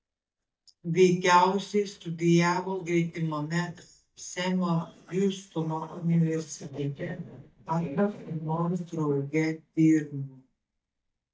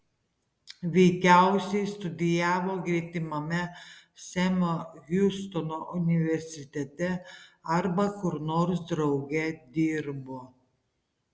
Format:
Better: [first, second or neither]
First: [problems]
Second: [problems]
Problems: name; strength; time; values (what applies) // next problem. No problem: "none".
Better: second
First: noise reduction (neural mask model DeepFilterNet 3)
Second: none